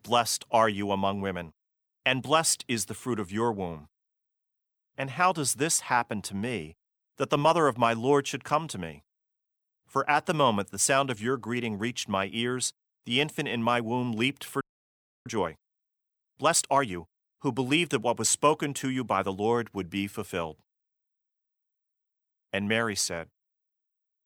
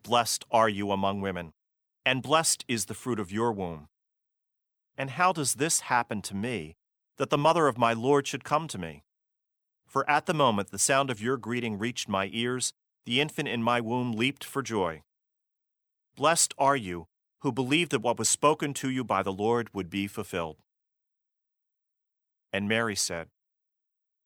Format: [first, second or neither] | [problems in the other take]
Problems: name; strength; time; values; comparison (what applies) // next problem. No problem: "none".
second | audio freezing; at 15 s for 0.5 s